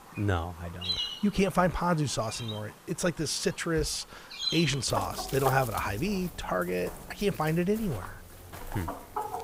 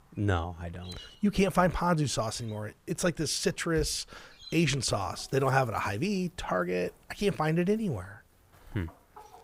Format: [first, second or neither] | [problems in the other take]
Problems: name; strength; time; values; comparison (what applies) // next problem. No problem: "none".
second | animal sounds; loud; throughout; 7 dB below the speech; faint in the second